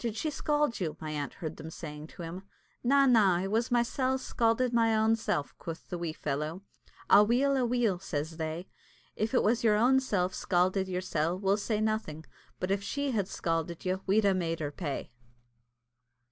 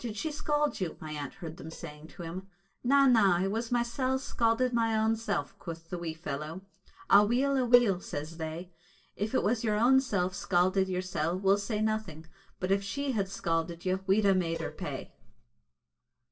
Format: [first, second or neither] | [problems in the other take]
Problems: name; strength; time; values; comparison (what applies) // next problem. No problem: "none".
first | noise reduction (neural separator model SepFormer DNS4)